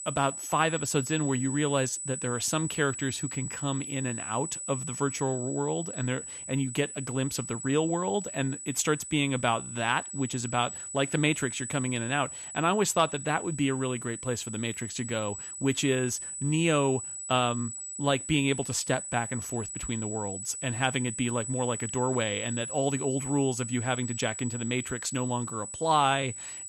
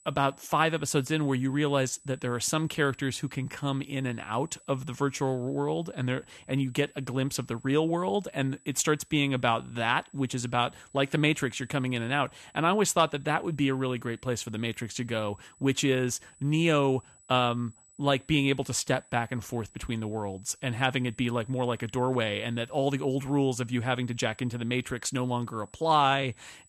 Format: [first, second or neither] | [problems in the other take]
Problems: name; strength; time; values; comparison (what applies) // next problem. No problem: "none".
second | high-pitched whine; loud; throughout; 8 kHz, 6 dB below the speech; faint in the second